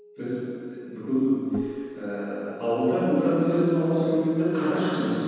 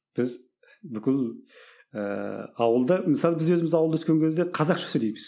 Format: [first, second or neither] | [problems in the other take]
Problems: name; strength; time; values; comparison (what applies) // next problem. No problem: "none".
second | background sound (Acoustic guitar); 18 dB below the speech // room echo; dies away in 2.1 s